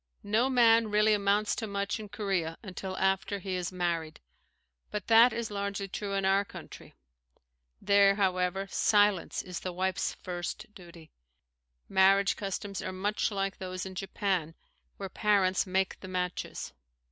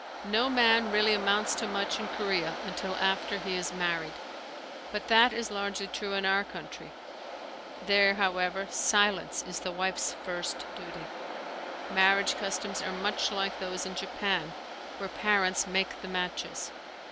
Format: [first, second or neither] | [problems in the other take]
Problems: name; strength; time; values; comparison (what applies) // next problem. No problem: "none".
first | background sound (Waves, surf); 8 dB below the speech